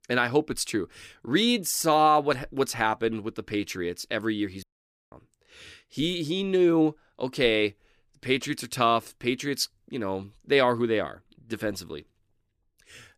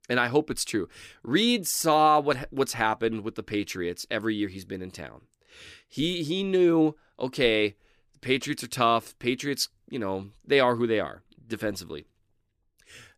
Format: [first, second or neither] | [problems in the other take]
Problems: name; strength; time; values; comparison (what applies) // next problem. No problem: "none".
second | audio cutting out; at 4.5 s